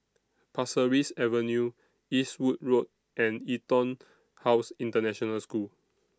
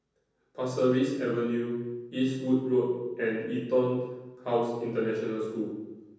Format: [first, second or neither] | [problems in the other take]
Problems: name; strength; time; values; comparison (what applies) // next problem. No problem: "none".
first | room echo; dies away in 1.1 s